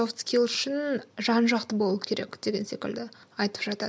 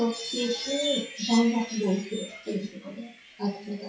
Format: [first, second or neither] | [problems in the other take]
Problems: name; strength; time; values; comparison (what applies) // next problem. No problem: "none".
first | noise reduction (classical method WPE with log-MMSE)